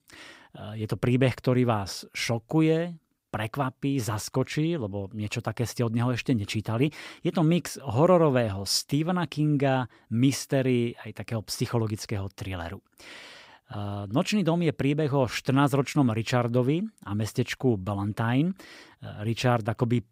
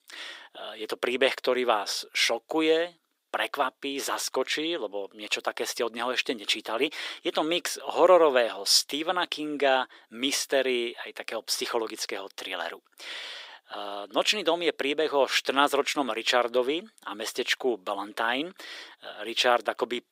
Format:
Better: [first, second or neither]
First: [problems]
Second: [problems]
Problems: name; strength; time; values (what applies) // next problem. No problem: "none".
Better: first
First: none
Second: thin; very; fading below 400 Hz